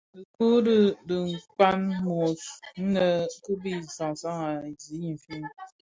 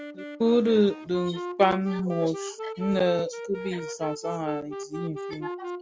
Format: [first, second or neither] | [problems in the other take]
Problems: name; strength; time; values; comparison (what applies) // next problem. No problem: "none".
first | background sound (Wind instrument, woodwind instrument); 9 dB below the speech